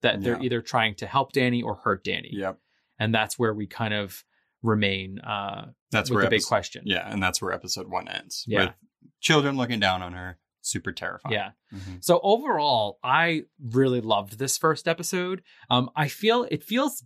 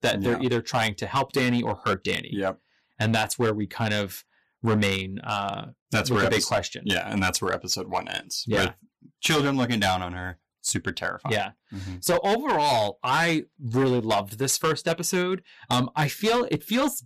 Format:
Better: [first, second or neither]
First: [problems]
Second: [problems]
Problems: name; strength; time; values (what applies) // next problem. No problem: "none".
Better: first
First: none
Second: distortion; heavy; 9% of the sound clipped